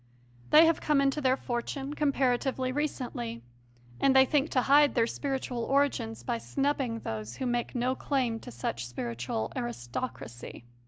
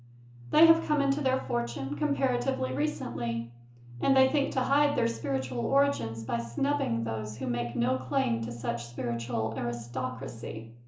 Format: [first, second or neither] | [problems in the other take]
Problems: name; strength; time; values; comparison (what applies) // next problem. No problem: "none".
first | room echo; dies away in 0.8 s